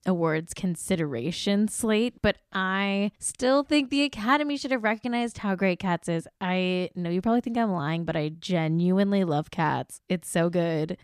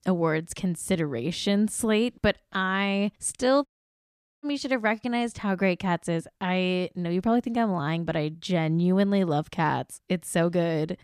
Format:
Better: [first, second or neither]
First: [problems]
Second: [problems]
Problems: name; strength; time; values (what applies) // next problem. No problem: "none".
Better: first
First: none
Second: audio cutting out; at 3.5 s for 1 s